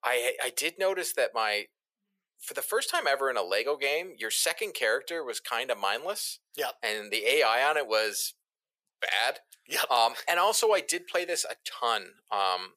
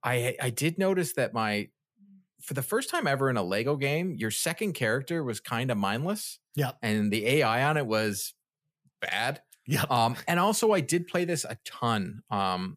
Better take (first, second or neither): second